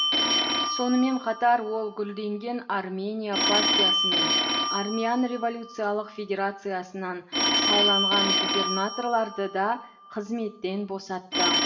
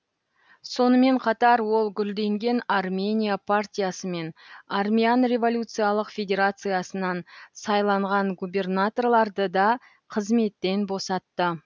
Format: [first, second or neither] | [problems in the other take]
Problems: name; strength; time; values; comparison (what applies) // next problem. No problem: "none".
second | background sound (Telephone); 1 dB above the speech // room echo; dies away in 0.7 s